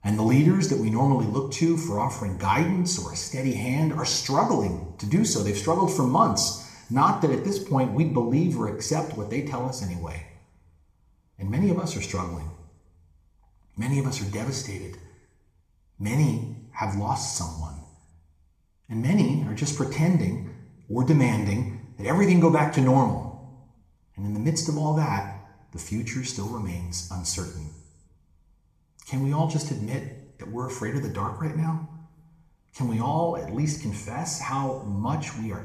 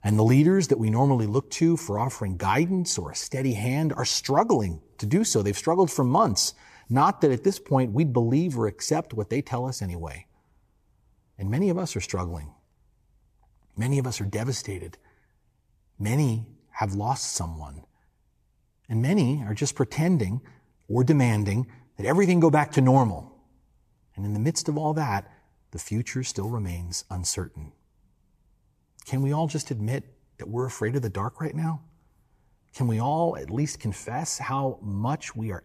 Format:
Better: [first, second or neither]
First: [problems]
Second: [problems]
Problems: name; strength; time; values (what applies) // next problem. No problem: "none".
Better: second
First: room echo; slight; dies away in 0.8 s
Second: none